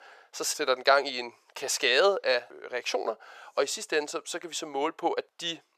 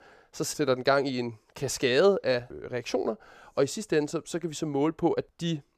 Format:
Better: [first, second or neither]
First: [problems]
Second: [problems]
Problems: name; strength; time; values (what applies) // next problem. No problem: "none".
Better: second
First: thin; very; fading below 700 Hz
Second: none